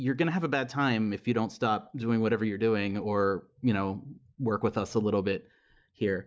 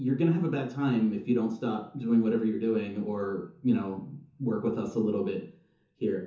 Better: first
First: none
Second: room echo; dies away in 0.6 s

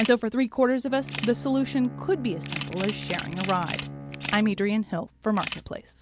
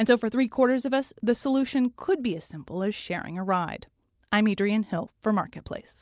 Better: second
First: background sound (Camera + Bowed string instrument); 10 dB below the speech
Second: none

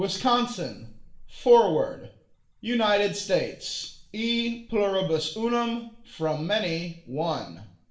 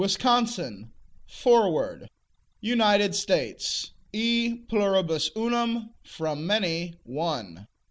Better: second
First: room echo; dies away in 0.5 s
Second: none

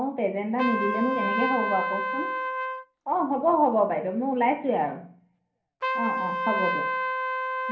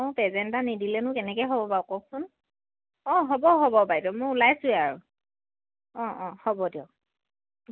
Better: second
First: background sound (Trumpet); 3 dB below the speech // room echo; dies away in 0.6 s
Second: none

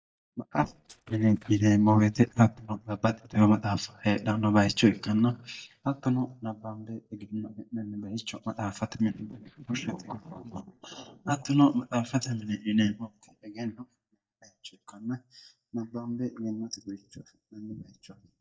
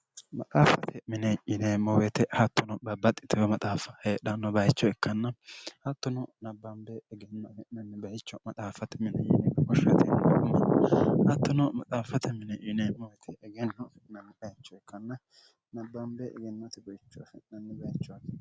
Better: second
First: noise reduction (neural mask model DeepFilterNet 3)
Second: none

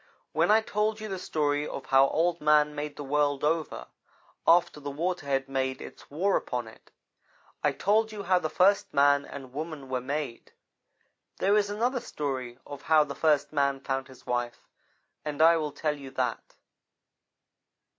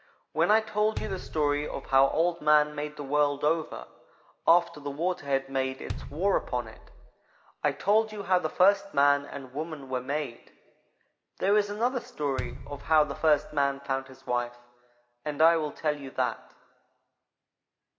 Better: first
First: none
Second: background sound (Bass drum); 12 dB below the speech // room echo; dies away in 1.3 s

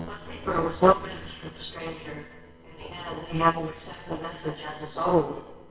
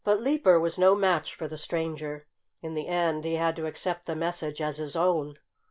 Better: second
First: noise reduction (neural separator model SepFormer WHAMR!)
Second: none

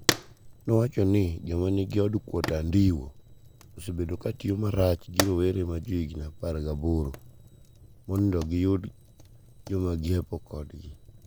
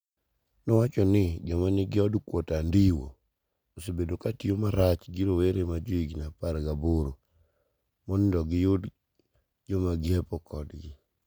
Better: second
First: background sound (Fire); 10 dB below the speech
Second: none

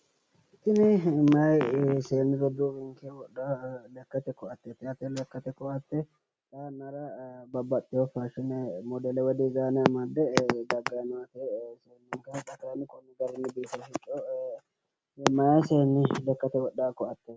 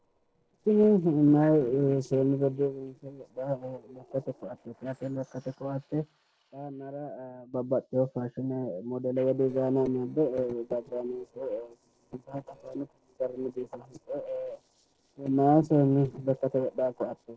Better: first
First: none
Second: noise reduction (neural separator model SepFormer DNS4)

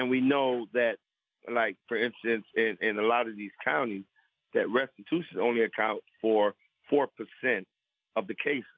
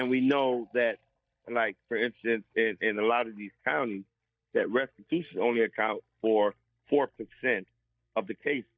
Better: first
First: none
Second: noise reduction (neural mask model DeepFilterNet 3)

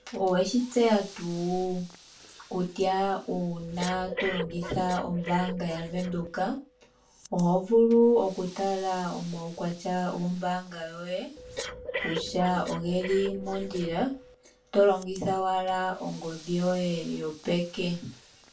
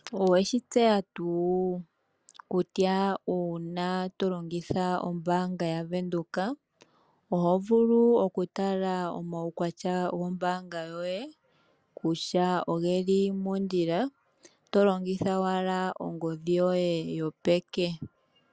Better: second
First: background sound (Breathing); 14 dB below the speech // room echo; dies away in 0.2 s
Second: none

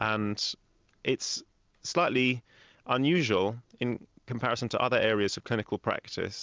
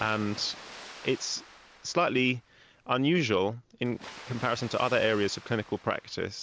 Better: first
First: none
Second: background sound (Water); 18 dB below the speech

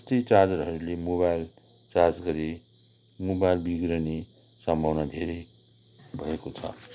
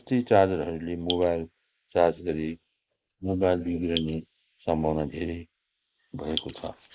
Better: first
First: none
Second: noise reduction (neural mask model Resemble Enhance denoiser)

